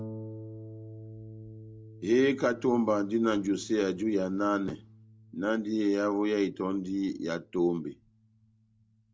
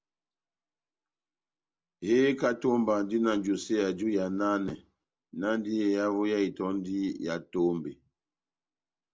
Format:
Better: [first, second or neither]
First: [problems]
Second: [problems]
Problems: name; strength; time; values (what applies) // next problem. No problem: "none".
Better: second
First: background sound (Harp); 17 dB below the speech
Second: none